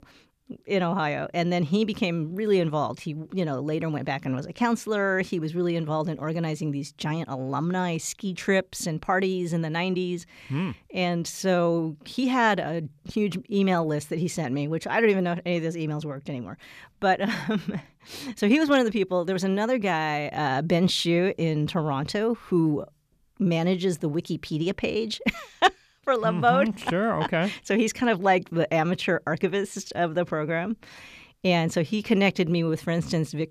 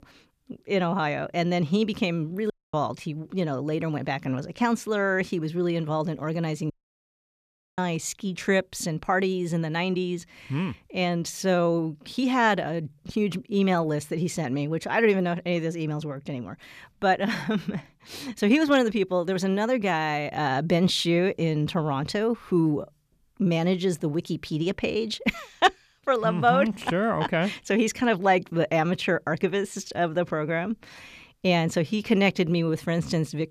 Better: first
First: none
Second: audio cutting out; at 2.5 s and at 6.5 s for 1 s

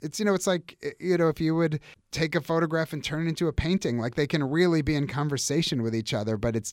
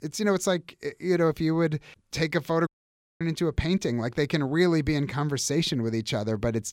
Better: first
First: none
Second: audio cutting out; at 2.5 s for 0.5 s

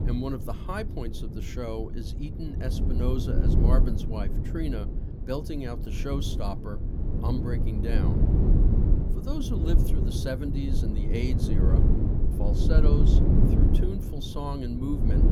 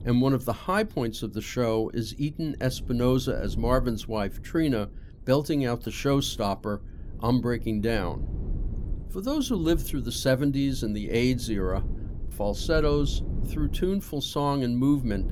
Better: second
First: low rumble; loud; throughout; 1 dB below the speech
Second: low rumble; faint; throughout; 20 dB below the speech

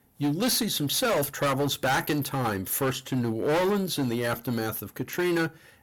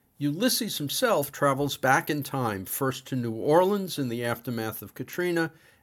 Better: second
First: distortion; heavy; 15% of the sound clipped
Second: none

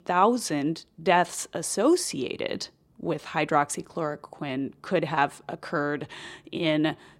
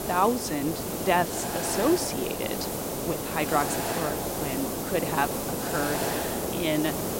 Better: first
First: none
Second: hiss; loud; throughout; 1 dB below the speech

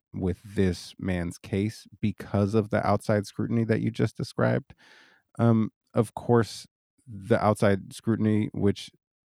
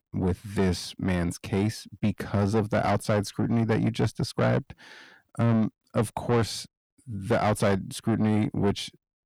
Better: first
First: none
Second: distortion; heavy; 8 dB below the speech

